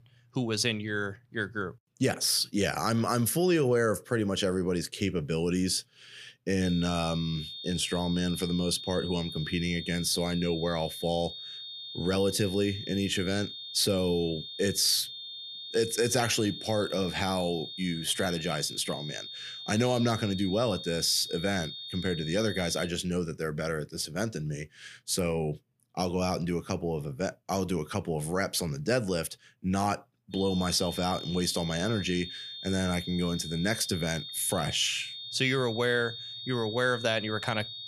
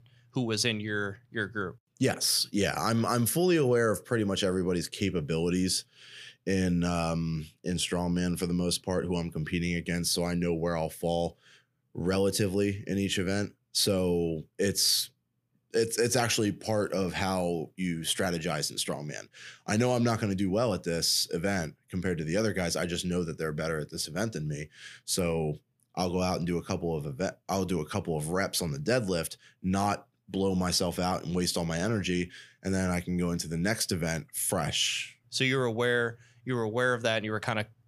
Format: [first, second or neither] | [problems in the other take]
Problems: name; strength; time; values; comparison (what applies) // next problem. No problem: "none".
second | high-pitched whine; loud; from 6.5 to 23 s and from 30 s on; 3.5 kHz, 9 dB below the speech